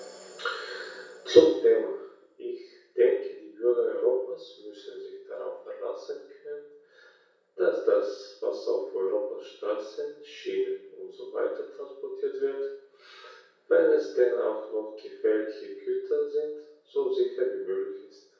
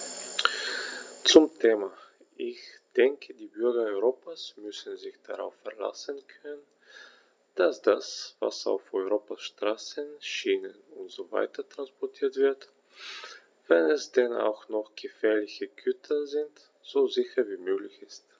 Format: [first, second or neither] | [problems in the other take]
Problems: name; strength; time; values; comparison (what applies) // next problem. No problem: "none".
second | room echo; dies away in 0.6 s